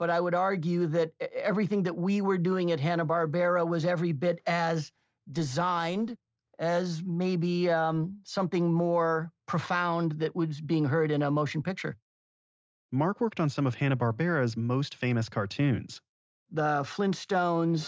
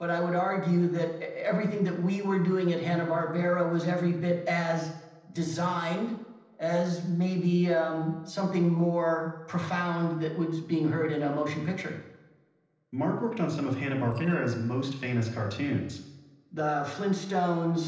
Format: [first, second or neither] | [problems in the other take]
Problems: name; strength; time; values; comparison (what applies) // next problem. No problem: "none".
first | noise reduction (neural separator model SepFormer DNS4)